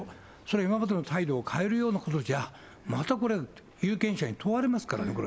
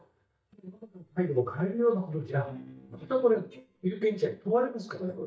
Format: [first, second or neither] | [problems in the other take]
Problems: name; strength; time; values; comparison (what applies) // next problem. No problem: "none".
first | noise reduction (neural mask model DeepFilterNet 3)